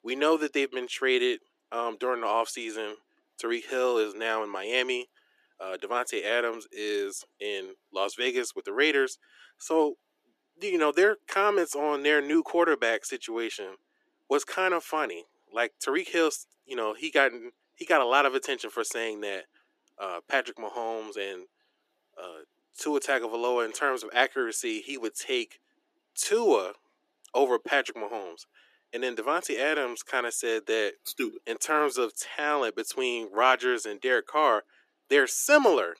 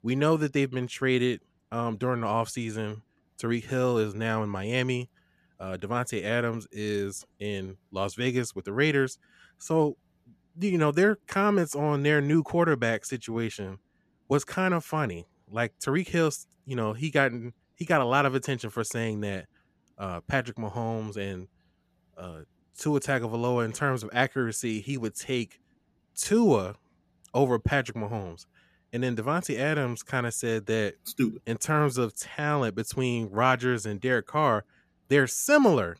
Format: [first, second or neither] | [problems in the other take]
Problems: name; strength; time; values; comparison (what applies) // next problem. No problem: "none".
second | thin; somewhat; fading below 300 Hz